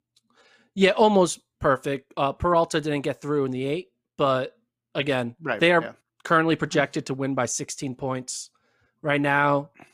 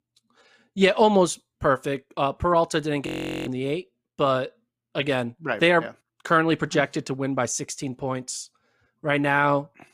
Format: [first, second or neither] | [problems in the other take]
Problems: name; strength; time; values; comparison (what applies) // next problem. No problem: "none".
first | audio freezing; at 3 s